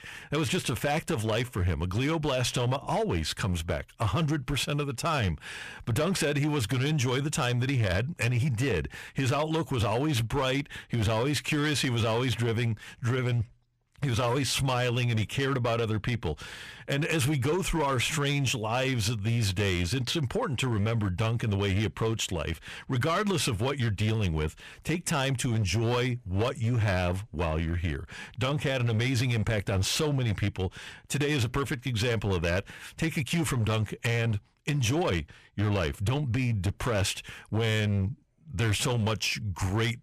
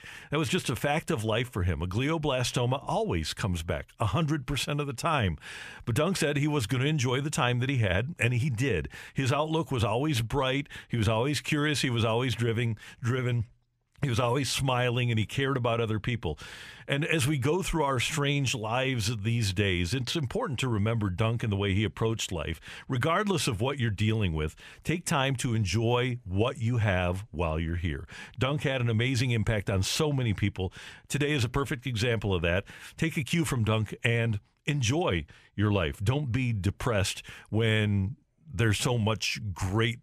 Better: second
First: distortion; slight; 12% of the sound clipped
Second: none

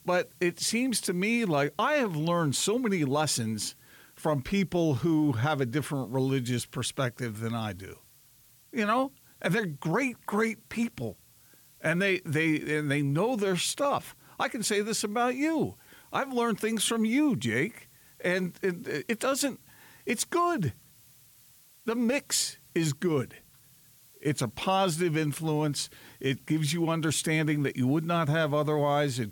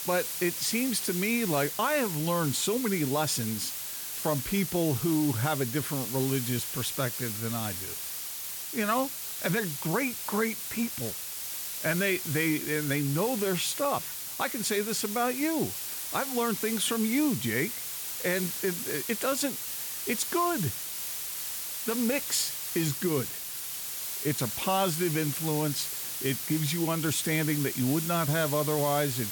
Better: first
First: hiss; faint; throughout; 25 dB below the speech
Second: hiss; loud; throughout; 3 dB below the speech

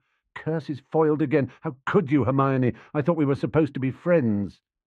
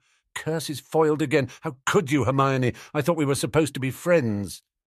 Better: second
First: muffled; very; fading above 2 kHz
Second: none

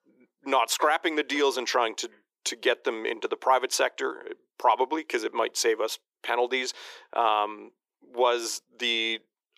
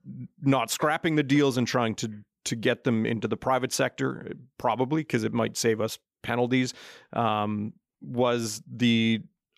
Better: second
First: thin; very; fading below 350 Hz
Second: none

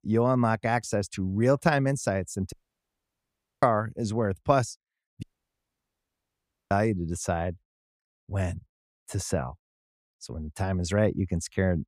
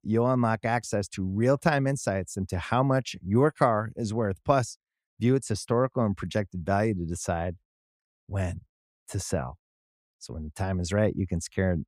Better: second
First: audio cutting out; at 2.5 s for 1 s and at 5 s for 1.5 s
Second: none

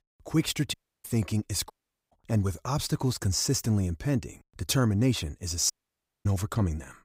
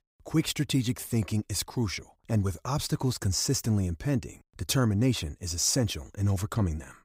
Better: second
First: audio cutting out; at 0.5 s, at 1.5 s and at 5.5 s for 0.5 s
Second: none

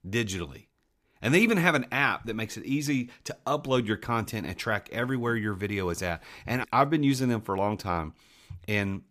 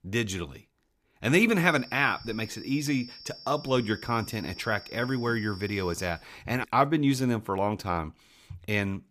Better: first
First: none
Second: high-pitched whine; noticeable; from 1.5 to 6 s; 5.5 kHz, 15 dB below the speech

